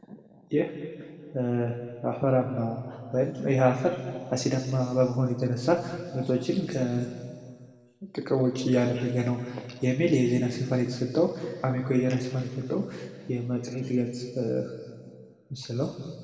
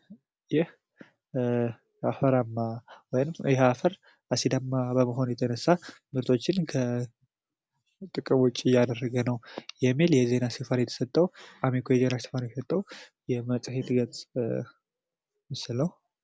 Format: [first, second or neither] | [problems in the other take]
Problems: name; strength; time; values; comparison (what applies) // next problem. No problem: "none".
second | room echo; dies away in 2.1 s